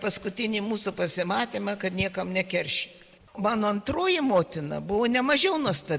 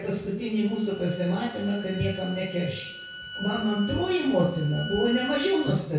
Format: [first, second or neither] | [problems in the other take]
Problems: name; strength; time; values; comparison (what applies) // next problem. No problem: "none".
first | background sound (Bowed string instrument); 13 dB below the speech // room echo; dies away in 0.6 s